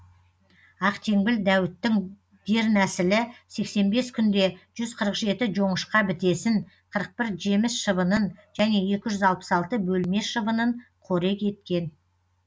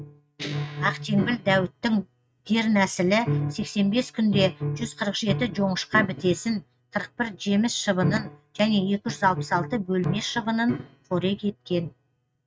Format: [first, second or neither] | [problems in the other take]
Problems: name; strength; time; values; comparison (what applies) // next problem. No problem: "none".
first | noise reduction (neural mask model RNNoise)